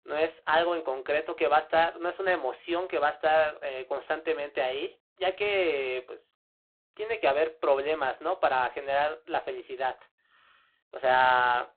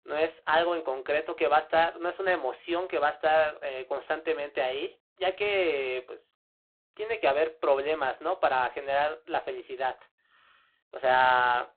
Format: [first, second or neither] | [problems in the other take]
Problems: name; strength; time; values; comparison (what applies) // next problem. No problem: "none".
neither | phone-call audio; poor line; nothing above 4 kHz; the same in both